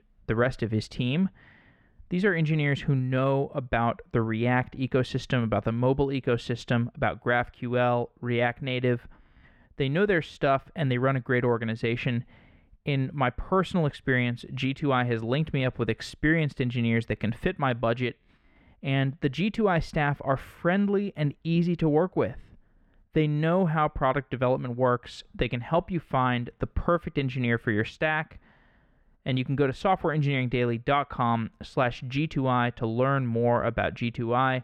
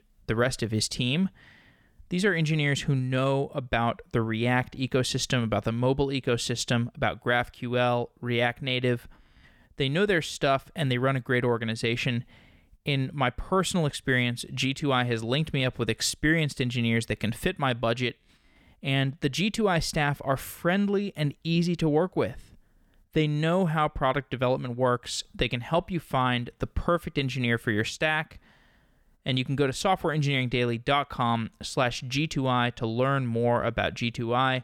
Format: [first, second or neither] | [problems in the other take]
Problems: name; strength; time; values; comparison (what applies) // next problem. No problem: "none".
second | muffled; slightly; fading above 4 kHz